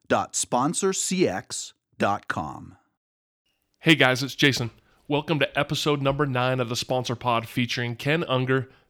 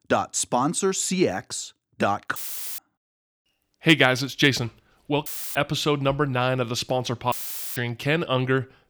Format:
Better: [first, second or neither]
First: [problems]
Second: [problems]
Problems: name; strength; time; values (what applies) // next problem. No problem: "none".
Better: first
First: none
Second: audio cutting out; filled with static; at 2.5 s, at 5.5 s and at 7.5 s